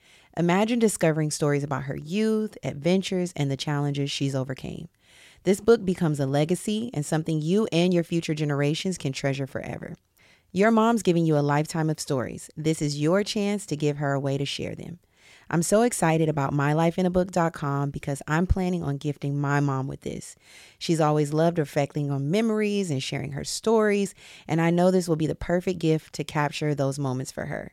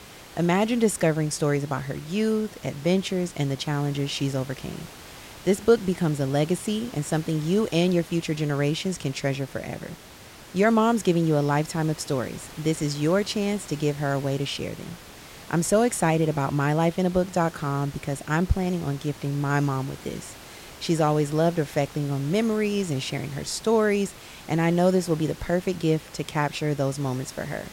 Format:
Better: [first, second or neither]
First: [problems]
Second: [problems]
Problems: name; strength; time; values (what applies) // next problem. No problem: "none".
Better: first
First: none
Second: hiss; noticeable; throughout; 20 dB below the speech